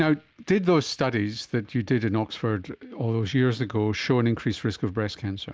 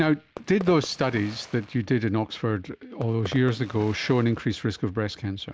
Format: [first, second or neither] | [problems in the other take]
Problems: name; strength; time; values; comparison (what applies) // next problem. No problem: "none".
first | background sound (Fireworks); 18 dB below the speech